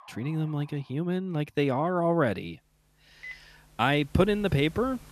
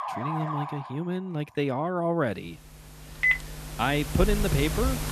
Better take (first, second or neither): first